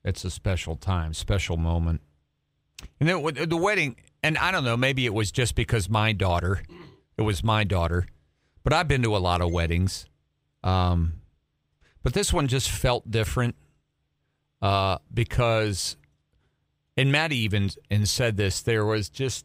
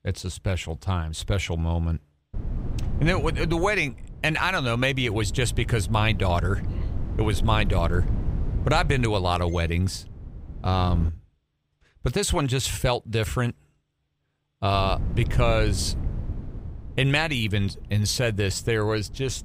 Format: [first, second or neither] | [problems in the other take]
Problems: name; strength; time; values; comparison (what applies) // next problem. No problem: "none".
first | wind noise on the microphone; occasional gusts; from 2.5 to 11 s and from 15 s on; 20 dB below the speech